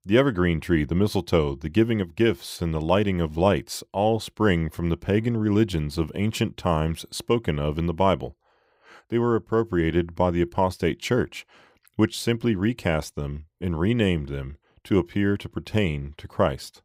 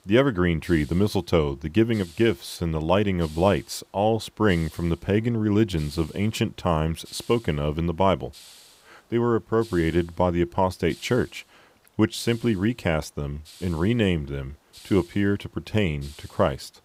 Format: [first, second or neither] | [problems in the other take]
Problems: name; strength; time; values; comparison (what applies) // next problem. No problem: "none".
first | hiss; faint; throughout; 25 dB below the speech